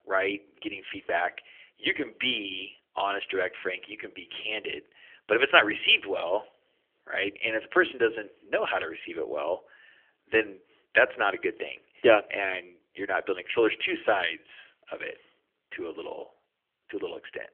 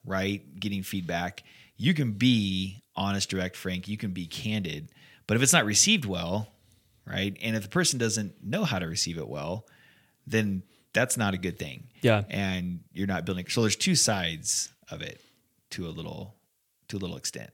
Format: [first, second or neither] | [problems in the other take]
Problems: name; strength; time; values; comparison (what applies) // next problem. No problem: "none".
second | phone-call audio; nothing above 3.5 kHz